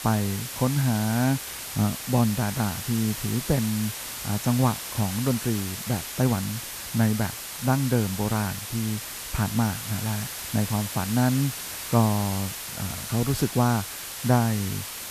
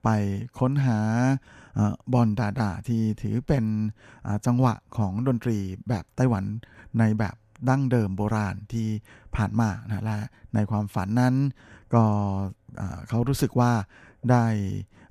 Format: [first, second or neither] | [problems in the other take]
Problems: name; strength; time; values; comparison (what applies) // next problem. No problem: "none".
second | hiss; loud; throughout; 6 dB below the speech